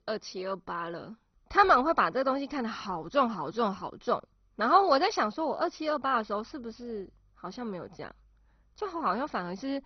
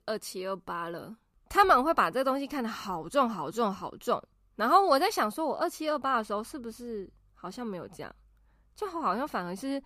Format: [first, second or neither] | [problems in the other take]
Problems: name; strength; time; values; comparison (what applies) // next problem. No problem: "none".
second | garbled, watery; badly; nothing above 6 kHz